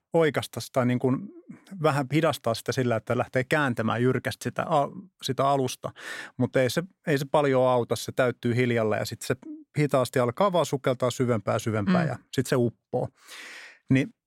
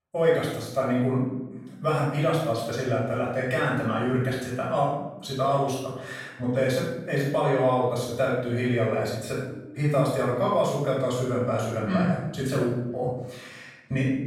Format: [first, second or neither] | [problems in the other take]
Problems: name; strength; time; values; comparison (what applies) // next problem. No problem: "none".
first | off-mic speech; far // room echo; noticeable; dies away in 0.8 s